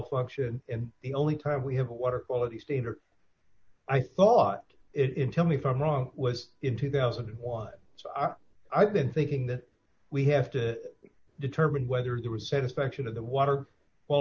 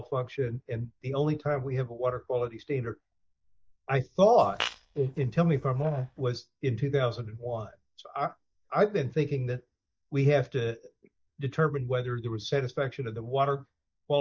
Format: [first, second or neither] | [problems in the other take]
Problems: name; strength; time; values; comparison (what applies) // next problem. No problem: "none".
first | noise reduction (neural mask model DeepFilterNet 3)